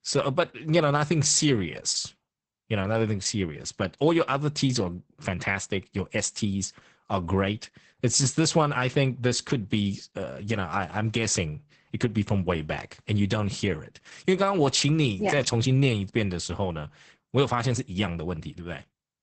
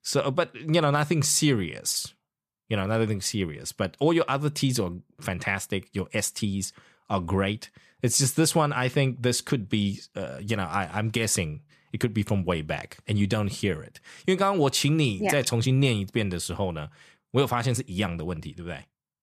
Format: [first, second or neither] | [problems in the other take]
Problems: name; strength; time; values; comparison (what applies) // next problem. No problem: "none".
second | garbled, watery; badly; nothing above 8 kHz